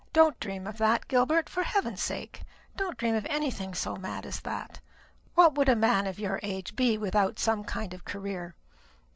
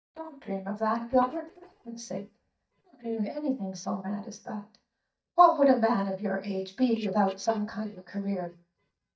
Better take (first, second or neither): first